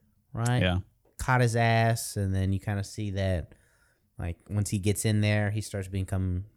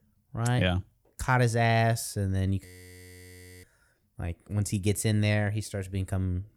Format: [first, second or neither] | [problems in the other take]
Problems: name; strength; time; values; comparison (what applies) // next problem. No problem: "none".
first | audio freezing; at 2.5 s for 1 s